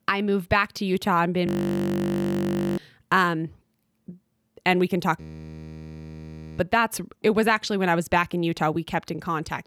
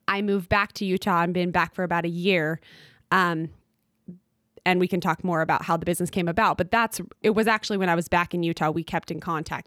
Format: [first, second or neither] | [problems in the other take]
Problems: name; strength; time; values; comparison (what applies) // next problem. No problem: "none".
second | audio freezing; at 1.5 s for 1.5 s and at 5 s for 1.5 s